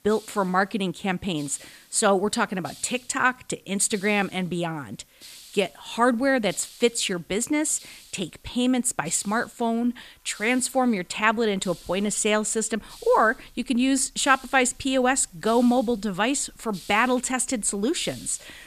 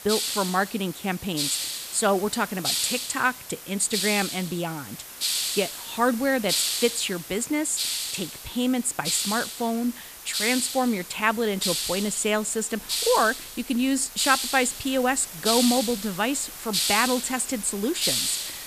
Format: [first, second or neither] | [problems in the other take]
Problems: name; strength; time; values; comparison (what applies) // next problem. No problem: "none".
first | hiss; loud; throughout; 2 dB below the speech; faint in the first